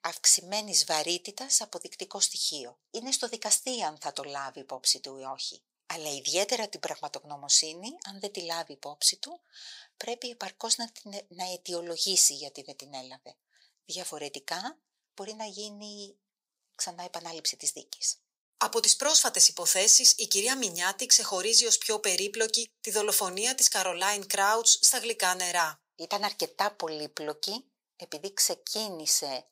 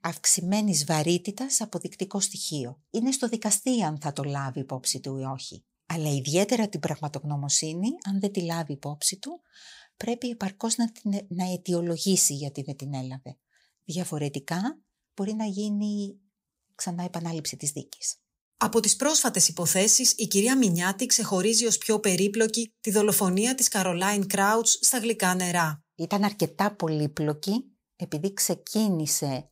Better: second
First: thin; very; fading below 600 Hz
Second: none

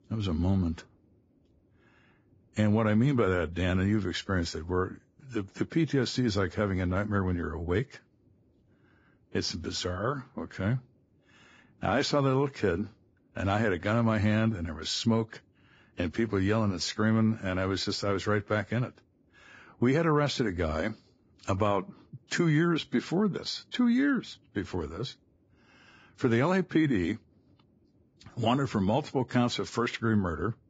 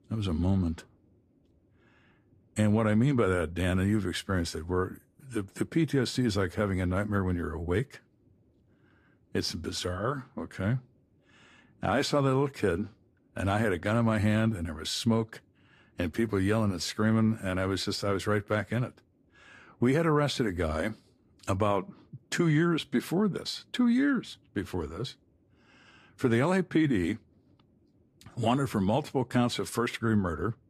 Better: second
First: garbled, watery; badly; nothing above 7.5 kHz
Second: garbled, watery; slightly; nothing above 14.5 kHz

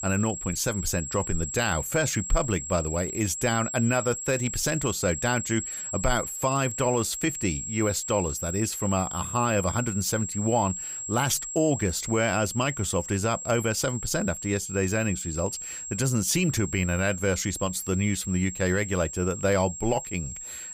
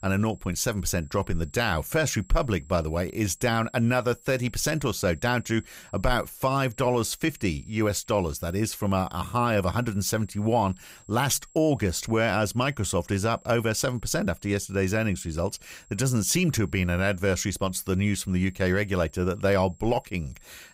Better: second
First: high-pitched whine; loud; throughout; 7.5 kHz, 6 dB below the speech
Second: high-pitched whine; faint; throughout; 7.5 kHz, 30 dB below the speech

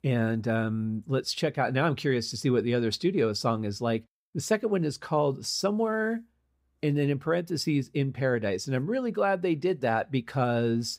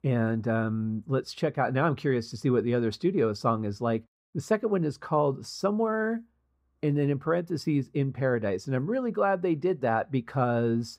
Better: first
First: none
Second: muffled; slightly; fading above 2 kHz

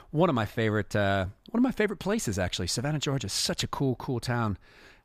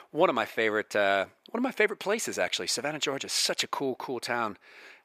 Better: first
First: none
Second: thin; somewhat; fading below 450 Hz

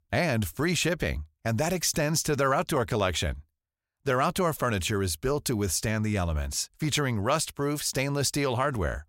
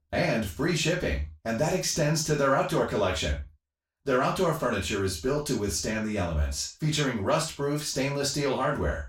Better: first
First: none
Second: room echo; noticeable; dies away in 0.3 s // off-mic speech; far

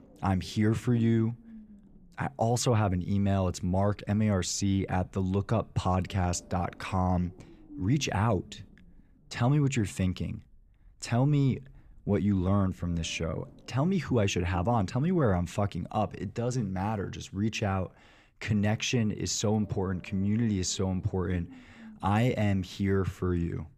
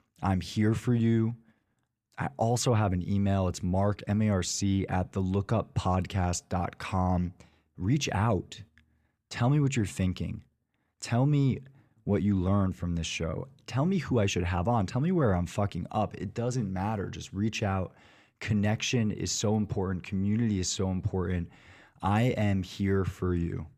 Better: second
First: low rumble; faint; throughout; 25 dB below the speech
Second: none

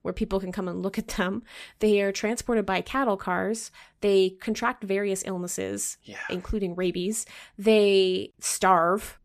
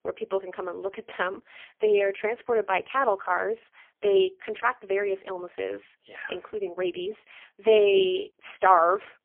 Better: first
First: none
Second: phone-call audio; poor line; nothing above 3 kHz

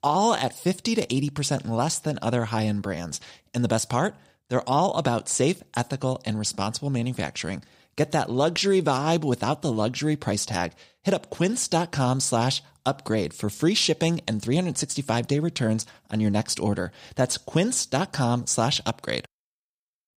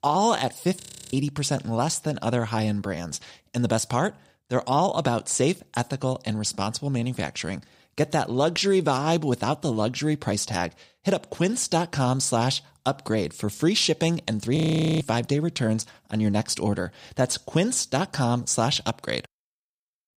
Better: first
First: none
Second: audio freezing; at 1 s and at 15 s

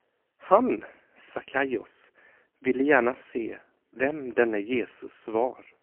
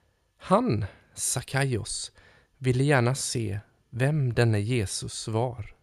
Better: second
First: phone-call audio; poor line; nothing above 3 kHz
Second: none

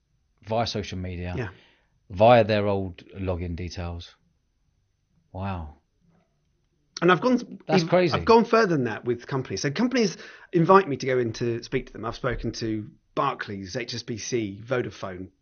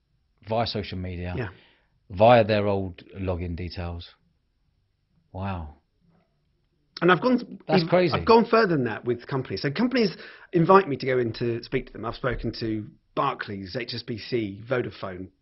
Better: first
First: garbled, watery; slightly; nothing above 6.5 kHz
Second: garbled, watery; badly; nothing above 5.5 kHz

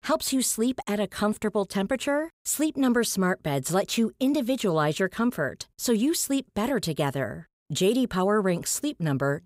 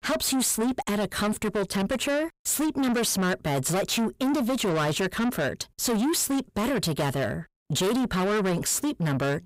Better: first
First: none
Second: distortion; heavy; 7 dB below the speech

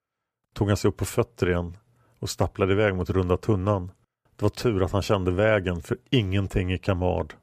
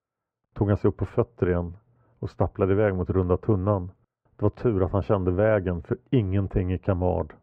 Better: first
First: none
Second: muffled; very; fading above 3.5 kHz

